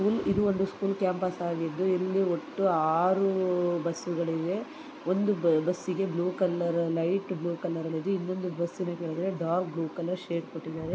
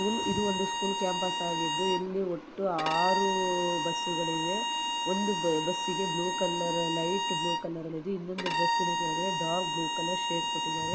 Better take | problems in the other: first | background sound (Bowed string instrument); 1 dB above the speech

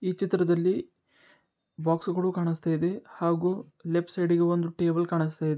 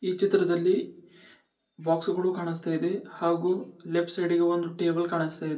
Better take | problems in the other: first | room echo; dies away in 0.3 s

